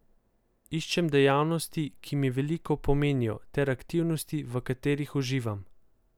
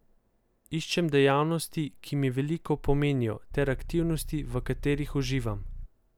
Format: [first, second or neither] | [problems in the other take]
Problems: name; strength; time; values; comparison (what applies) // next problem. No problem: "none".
first | background sound (Idling / Car); 8 dB below the speech